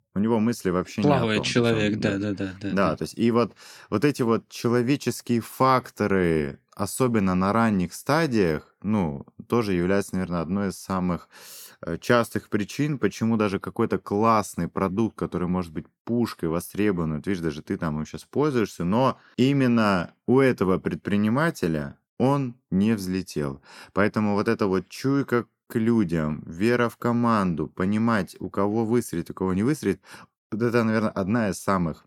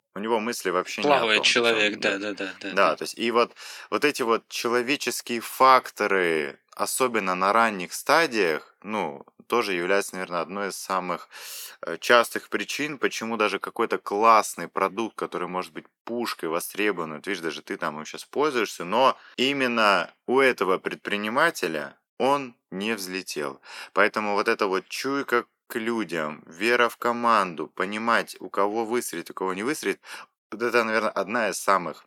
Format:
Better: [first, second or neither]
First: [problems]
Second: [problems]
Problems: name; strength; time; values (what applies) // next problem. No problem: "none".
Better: first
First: none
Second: thin; somewhat; fading below 500 Hz